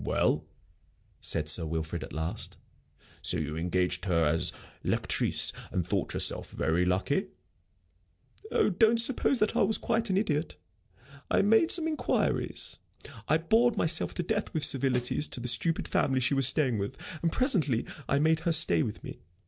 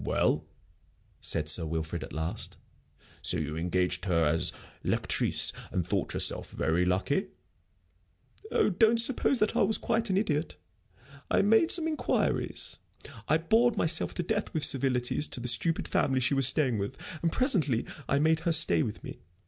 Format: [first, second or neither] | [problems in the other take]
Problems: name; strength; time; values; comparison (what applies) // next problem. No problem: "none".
second | noise reduction (neural separator model SepFormer DNS4)